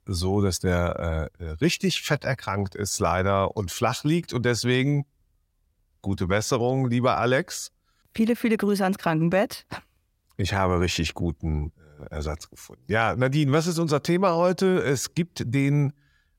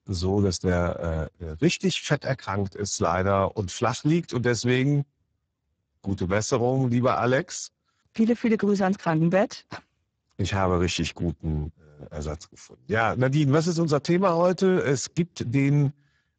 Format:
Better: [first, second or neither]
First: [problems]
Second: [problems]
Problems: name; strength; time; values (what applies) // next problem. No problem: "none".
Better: first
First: none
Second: garbled, watery; badly; nothing above 7.5 kHz